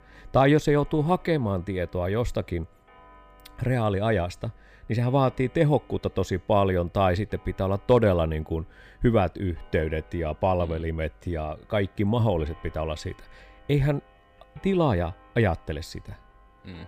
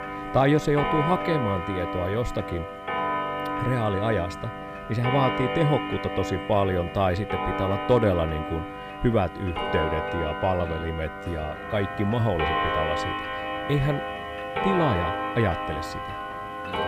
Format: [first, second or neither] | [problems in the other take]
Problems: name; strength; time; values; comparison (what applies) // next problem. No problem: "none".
first | household noises; loud; throughout; 4 dB below the speech; faint in the first